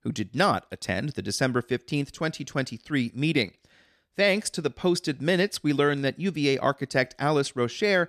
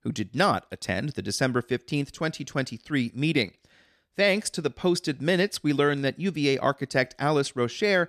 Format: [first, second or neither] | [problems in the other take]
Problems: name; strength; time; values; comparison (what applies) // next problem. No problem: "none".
neither | none